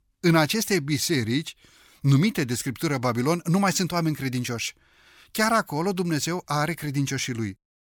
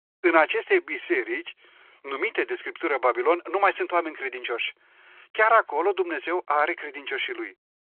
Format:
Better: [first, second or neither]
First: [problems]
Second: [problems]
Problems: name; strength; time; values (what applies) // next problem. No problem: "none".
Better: first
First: none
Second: phone-call audio